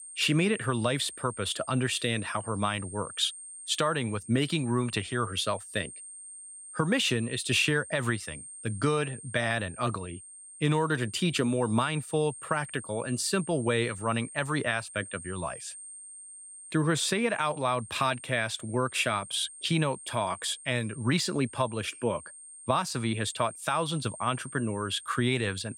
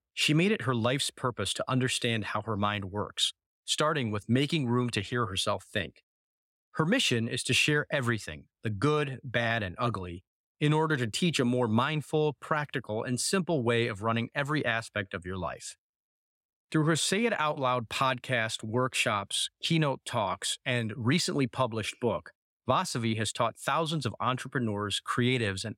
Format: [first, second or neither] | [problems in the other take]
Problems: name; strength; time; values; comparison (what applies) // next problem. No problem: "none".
second | high-pitched whine; noticeable; throughout; 8.5 kHz, 15 dB below the speech